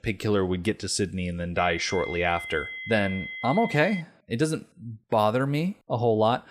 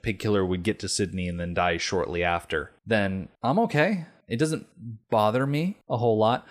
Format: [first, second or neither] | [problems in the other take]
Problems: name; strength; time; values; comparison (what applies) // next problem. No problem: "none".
second | high-pitched whine; loud; from 1.5 to 4 s; 2 kHz, 9 dB below the speech